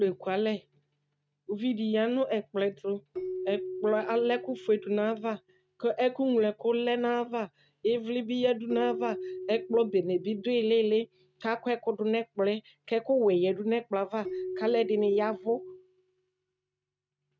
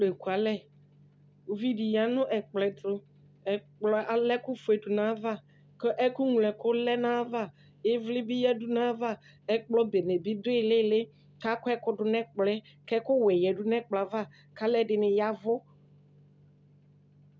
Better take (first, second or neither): second